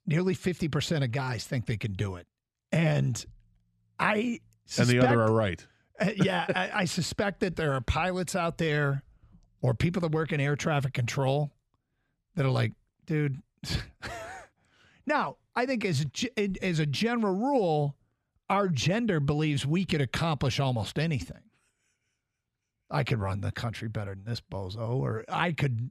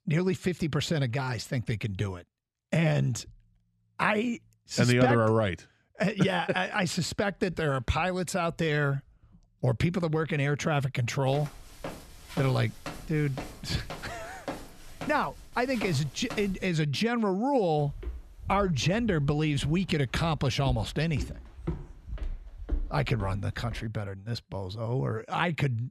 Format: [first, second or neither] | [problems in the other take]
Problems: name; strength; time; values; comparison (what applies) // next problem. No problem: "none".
first | footsteps; faint; from 11 to 17 s; peak 10 dB below the speech // footsteps; noticeable; from 18 to 24 s; peak 8 dB below the speech